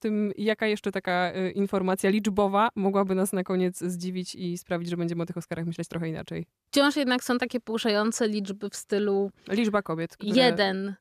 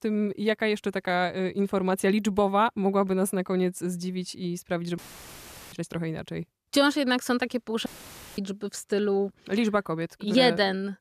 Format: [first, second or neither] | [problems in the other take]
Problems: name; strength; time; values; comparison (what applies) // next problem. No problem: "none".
first | audio cutting out; filled with static; at 5 s for 1 s and at 8 s for 0.5 s